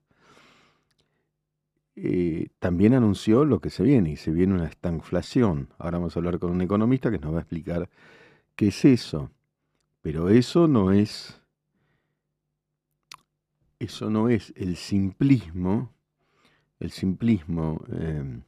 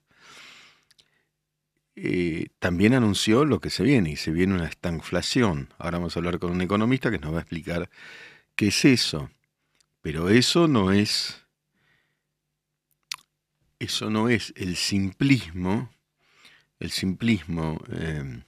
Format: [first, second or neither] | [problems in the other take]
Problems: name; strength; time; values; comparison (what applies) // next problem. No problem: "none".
second | muffled; slightly; fading above 1 kHz